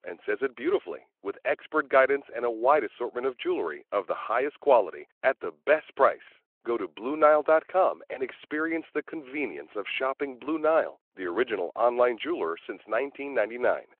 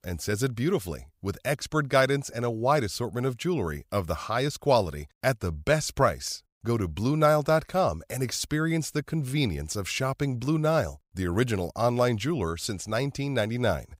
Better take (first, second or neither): second